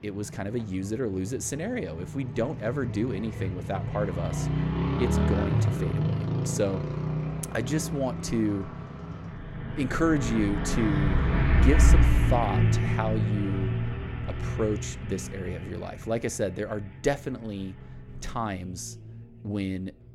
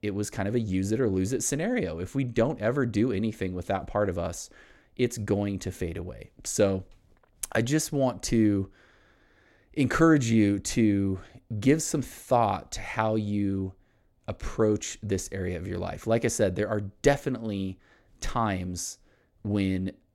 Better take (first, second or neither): second